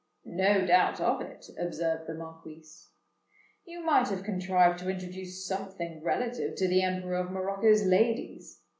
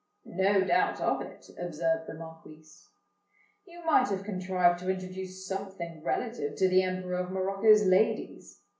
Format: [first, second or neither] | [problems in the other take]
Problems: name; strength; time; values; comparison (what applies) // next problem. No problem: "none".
first | room echo; dies away in 0.2 s